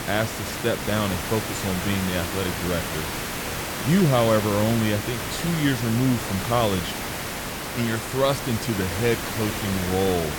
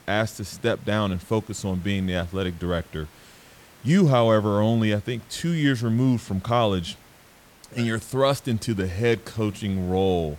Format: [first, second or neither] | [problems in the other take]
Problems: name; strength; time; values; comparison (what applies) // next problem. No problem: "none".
second | hiss; loud; throughout; 4 dB below the speech; faint in the second